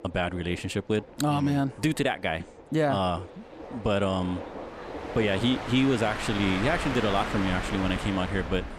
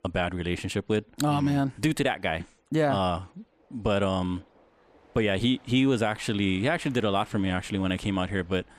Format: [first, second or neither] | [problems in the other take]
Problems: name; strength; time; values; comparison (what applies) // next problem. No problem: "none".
second | train or aircraft noise; loud; throughout; 7 dB below the speech; faint in the second